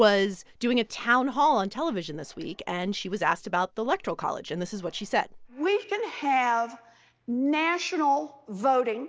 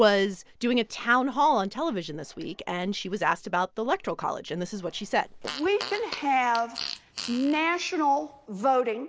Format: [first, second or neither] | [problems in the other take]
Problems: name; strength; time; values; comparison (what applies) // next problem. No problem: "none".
first | background sound (Fart); 13 dB below the speech